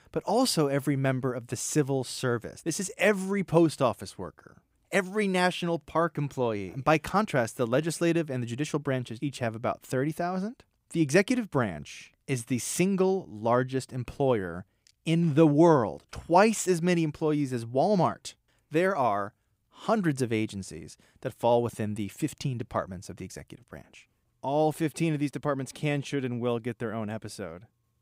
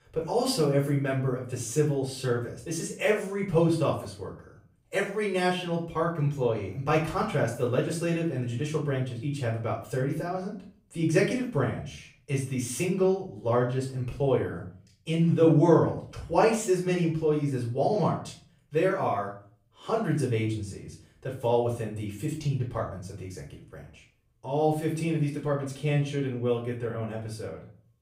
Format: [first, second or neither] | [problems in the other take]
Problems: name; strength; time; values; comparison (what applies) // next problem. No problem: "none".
first | off-mic speech; far // room echo; slight; dies away in 0.4 s